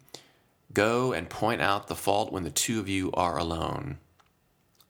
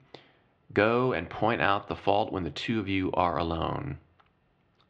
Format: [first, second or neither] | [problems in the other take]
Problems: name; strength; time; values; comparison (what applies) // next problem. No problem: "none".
first | muffled; very; fading above 3.5 kHz